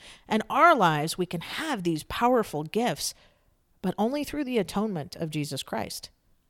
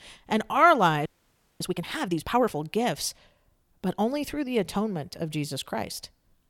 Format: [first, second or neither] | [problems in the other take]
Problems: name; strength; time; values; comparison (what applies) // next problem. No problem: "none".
first | audio freezing; at 1 s for 0.5 s